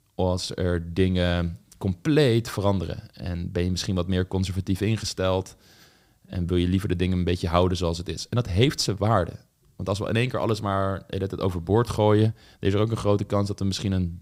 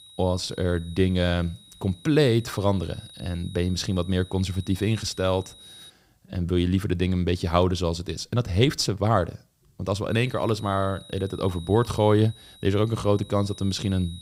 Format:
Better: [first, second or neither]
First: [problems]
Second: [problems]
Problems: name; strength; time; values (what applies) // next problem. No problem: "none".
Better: first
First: none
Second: high-pitched whine; faint; until 6 s and from 10 s on; 4 kHz, 20 dB below the speech